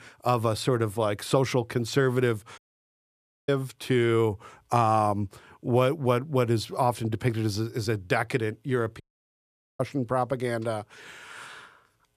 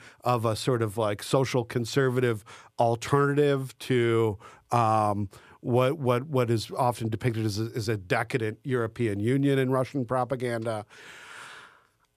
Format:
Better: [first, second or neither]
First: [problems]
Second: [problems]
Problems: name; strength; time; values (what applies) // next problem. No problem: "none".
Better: second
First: audio cutting out; at 2.5 s for 1 s and at 9 s for 1 s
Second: none